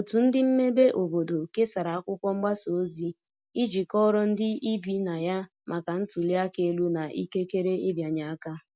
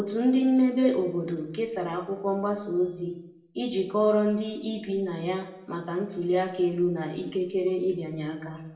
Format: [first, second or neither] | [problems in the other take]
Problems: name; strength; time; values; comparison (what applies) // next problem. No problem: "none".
first | room echo; dies away in 0.7 s